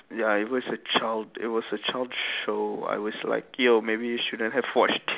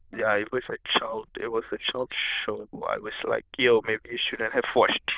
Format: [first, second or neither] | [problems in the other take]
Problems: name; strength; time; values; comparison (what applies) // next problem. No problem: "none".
first | noise reduction (neural diffusion model UNIVERSE++)